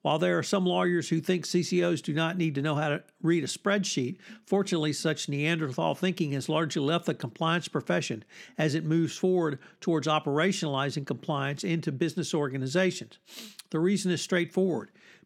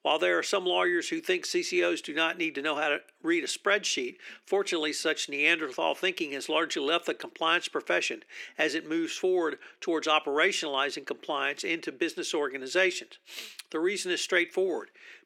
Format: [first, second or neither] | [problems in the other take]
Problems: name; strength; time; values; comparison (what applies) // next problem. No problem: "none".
first | thin; very; fading below 350 Hz